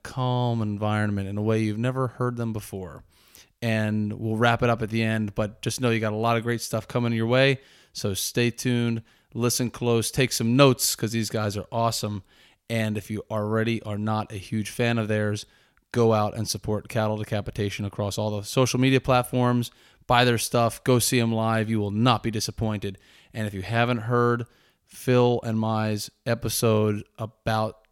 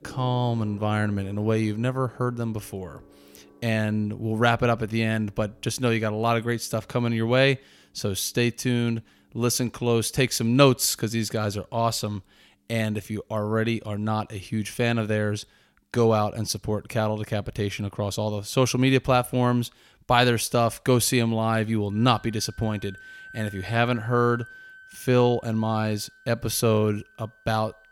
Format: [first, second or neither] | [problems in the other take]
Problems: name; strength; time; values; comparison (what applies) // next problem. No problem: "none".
first | background music; faint; throughout; 25 dB below the speech